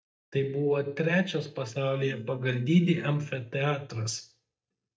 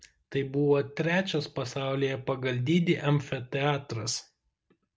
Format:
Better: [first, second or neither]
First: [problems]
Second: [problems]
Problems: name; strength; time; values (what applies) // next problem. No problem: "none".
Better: second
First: noise reduction (neural mask model DeepFilterNet 3)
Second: none